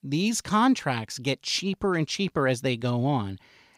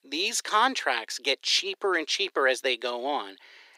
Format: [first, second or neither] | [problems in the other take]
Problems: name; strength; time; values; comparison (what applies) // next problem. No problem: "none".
first | thin; very; fading below 350 Hz